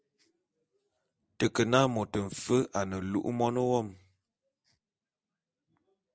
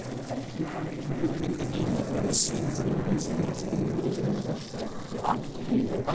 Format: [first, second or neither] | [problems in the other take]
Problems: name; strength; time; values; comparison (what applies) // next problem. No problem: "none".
first | noise reduction (neural separator model SepFormer DNS4)